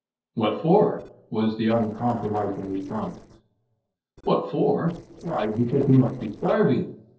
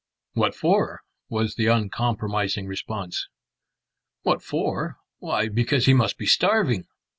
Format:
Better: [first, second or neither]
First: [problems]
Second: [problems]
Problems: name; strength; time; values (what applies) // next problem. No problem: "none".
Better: second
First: noise reduction (neural separator model SepFormer DNS4)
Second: none